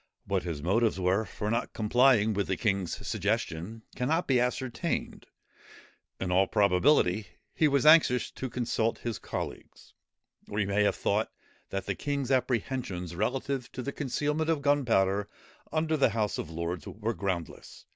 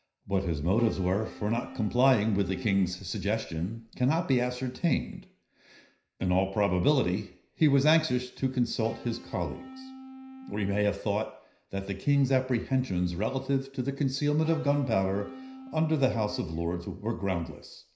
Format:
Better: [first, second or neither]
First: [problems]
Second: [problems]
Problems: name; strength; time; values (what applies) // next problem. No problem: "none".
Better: first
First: none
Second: background sound (Electric guitar / Bass guitar); 16 dB below the speech // room echo; dies away in 0.5 s